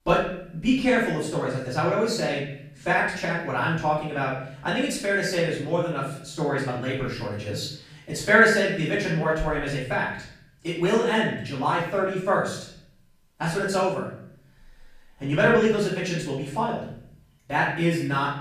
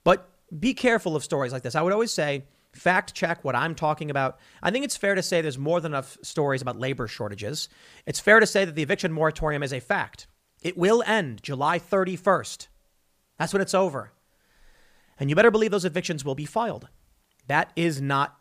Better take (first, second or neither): second